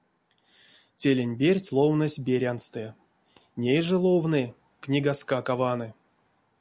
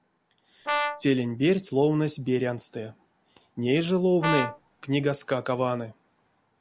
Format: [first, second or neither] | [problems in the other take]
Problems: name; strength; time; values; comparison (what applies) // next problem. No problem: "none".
first | background sound (Brass instrument); 4 dB below the speech